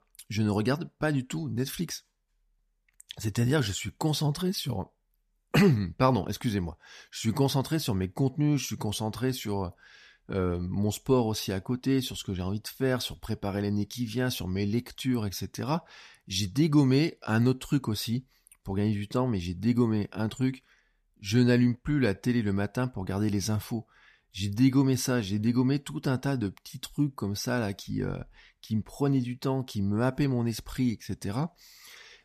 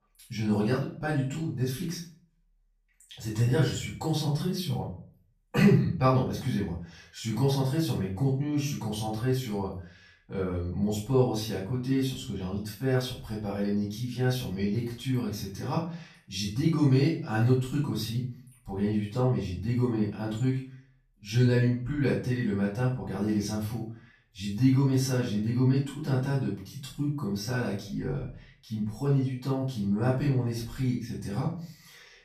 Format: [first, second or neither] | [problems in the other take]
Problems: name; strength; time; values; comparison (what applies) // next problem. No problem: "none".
first | off-mic speech; far // room echo; noticeable; dies away in 0.4 s